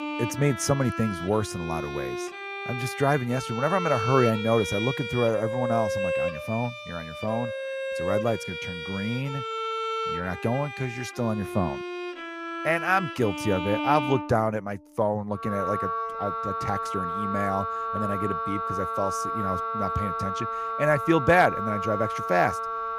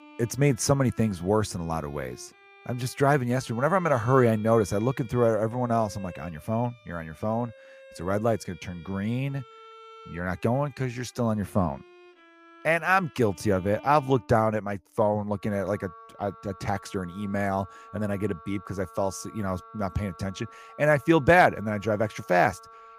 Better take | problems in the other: second | background music; loud; throughout; 4 dB below the speech; faint in the second

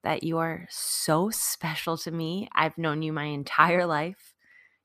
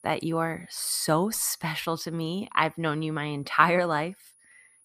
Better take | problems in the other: first | high-pitched whine; faint; throughout; 10.5 kHz, 30 dB below the speech

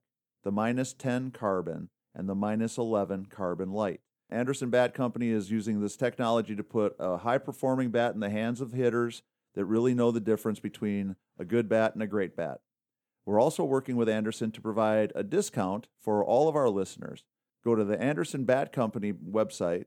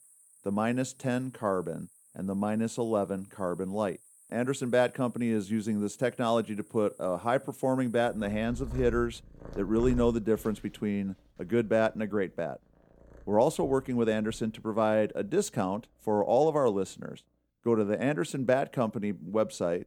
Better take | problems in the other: first | animal sounds; noticeable; throughout; 20 dB below the speech

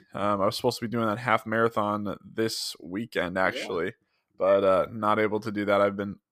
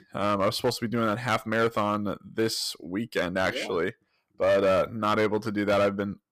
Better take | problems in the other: first | distortion; slight; 6% of the sound clipped

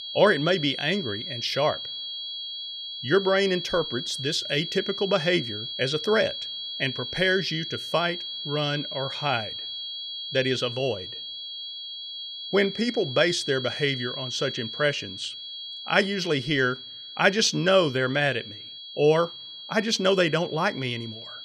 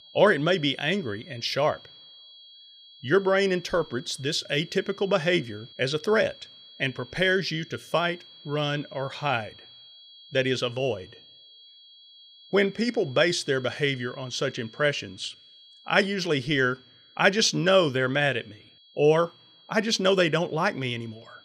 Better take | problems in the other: second | high-pitched whine; loud; throughout; 3.5 kHz, 8 dB below the speech; faint in the second

